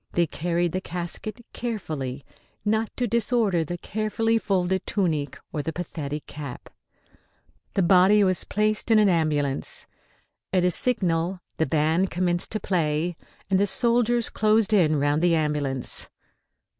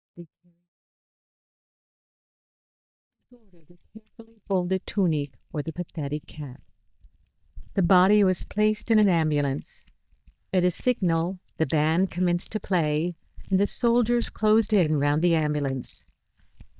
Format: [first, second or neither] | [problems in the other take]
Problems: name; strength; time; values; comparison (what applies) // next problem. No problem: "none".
first | noise reduction (neural mask model DeepFilterNet 3)